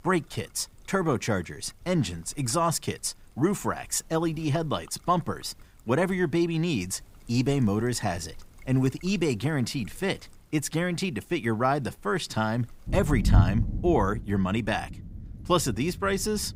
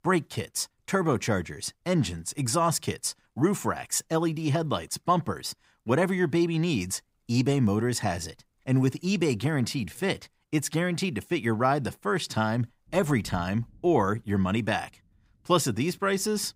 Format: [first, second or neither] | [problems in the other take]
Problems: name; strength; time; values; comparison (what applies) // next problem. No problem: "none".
second | rain or running water; loud; throughout; 3 dB below the speech; faint in the second